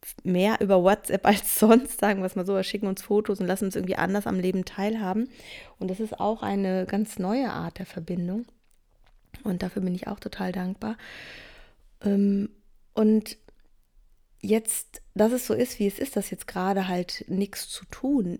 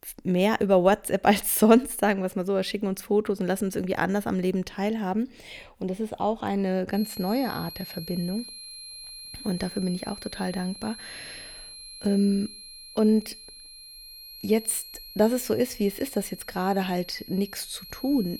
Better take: first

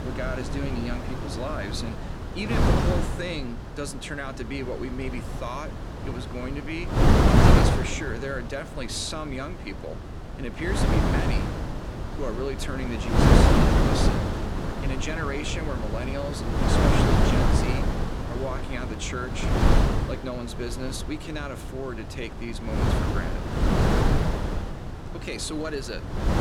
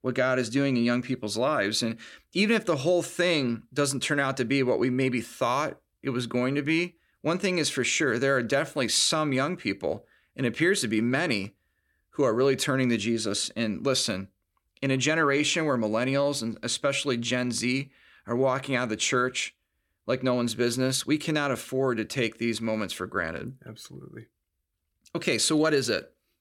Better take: second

